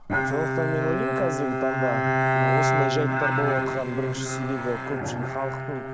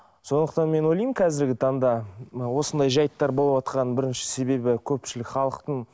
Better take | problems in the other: second | background sound (Bowed string instrument); 4 dB above the speech

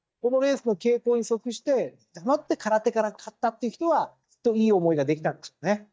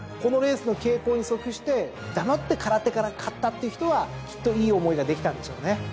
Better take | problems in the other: second | noise reduction (neural mask model DeepFilterNet 3)

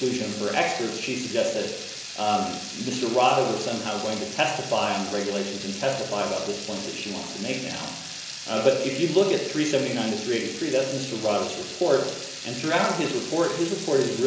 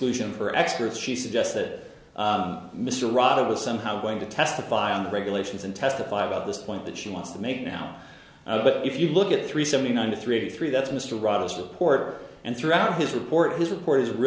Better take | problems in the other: second | background sound (Water tap, faucet / Liquid); 11 dB below the speech // room echo; dies away in 0.5 s

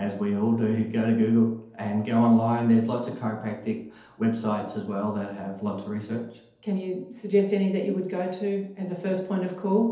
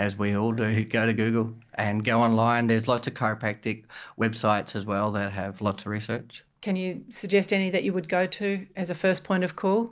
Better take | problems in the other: second | room echo; dies away in 2.2 s

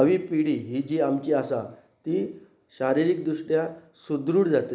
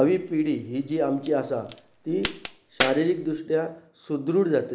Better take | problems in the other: first | background sound (Crack); 10 dB below the speech

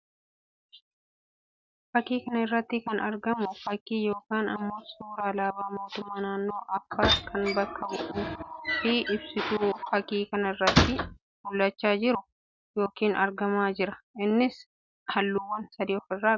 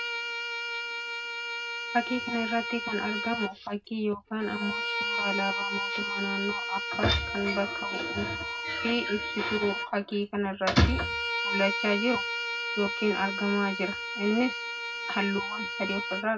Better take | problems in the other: first | background sound (Bowed string instrument); 3 dB below the speech // room echo; dies away in 0.2 s

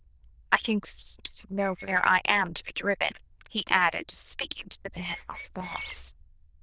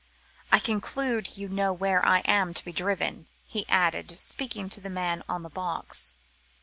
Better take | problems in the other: second | noise reduction (neural diffusion model UNIVERSE++)

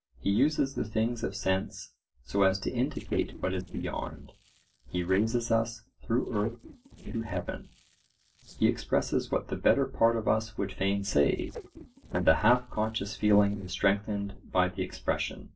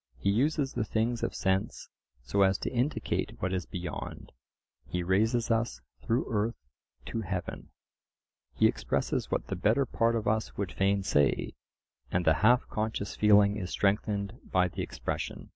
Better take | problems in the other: second | noise reduction (neural separator model SepFormer DNS4)

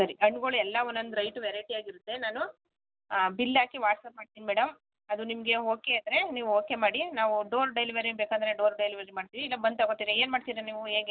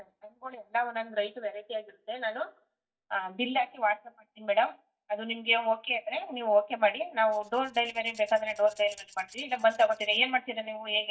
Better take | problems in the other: first | noise reduction (neural mask model DeepFilterNet 3)

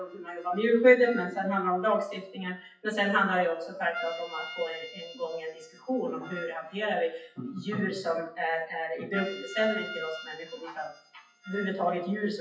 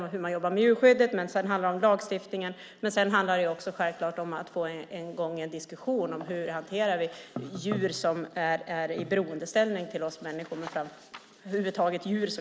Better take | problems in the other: second | noise reduction (classical method WPE with log-MMSE)

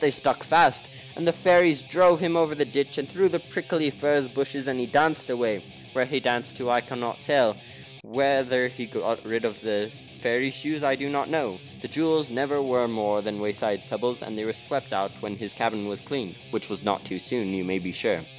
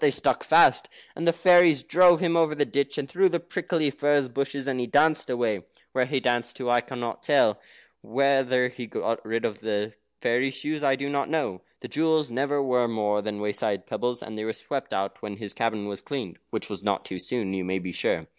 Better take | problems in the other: second | background sound (Guitar); 20 dB below the speech

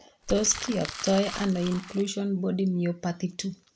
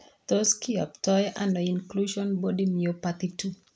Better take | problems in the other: second | background sound (Crumpling, crinkling); 11 dB below the speech

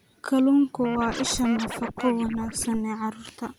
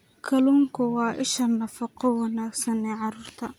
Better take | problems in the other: second | background sound (Scratching (performance technique)); 10 dB below the speech

